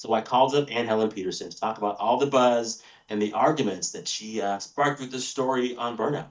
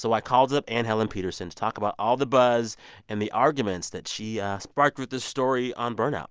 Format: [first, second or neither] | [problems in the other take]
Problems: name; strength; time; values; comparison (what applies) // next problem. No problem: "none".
second | noise reduction (neural mask model DeepFilterNet 3)